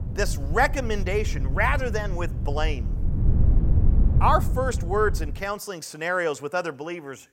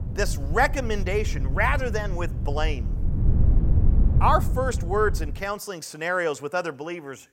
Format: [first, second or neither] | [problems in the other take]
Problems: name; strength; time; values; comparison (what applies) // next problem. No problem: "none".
neither | wind noise on the microphone; occasional gusts; until 5.5 s; 15 dB below the speech; the same in both